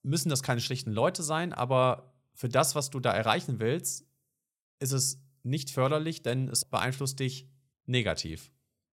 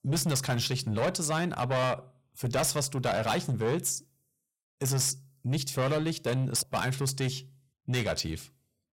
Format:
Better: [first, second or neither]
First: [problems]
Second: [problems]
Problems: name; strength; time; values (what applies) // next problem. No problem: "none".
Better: first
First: none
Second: distortion; heavy; 6 dB below the speech